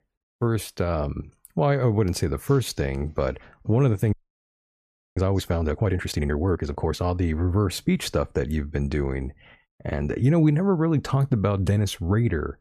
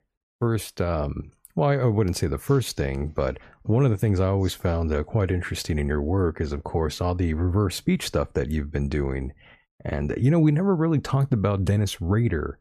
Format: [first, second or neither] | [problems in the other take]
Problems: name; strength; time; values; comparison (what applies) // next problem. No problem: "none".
second | audio freezing; at 4 s for 1 s